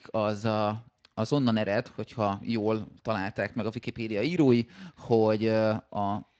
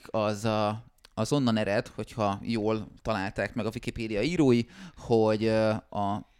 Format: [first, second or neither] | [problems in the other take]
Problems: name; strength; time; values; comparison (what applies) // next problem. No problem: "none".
second | garbled, watery; slightly